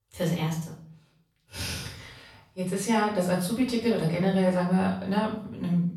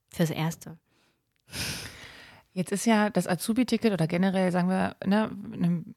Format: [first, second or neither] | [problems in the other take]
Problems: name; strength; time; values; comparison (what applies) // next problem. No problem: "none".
second | room echo; noticeable; dies away in 0.5 s // off-mic speech; far